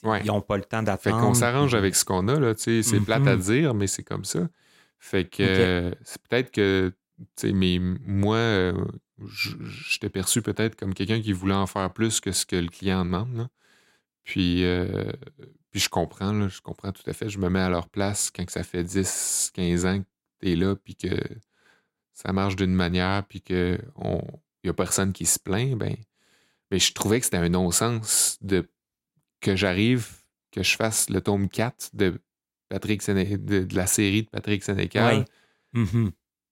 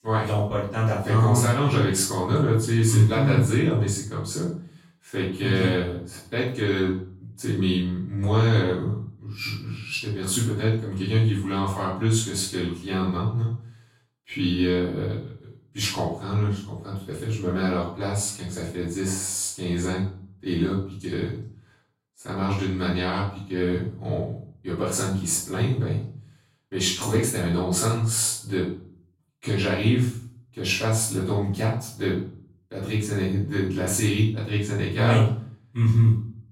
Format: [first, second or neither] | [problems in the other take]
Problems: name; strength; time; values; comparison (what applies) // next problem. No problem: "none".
first | off-mic speech; far // room echo; noticeable; dies away in 0.4 s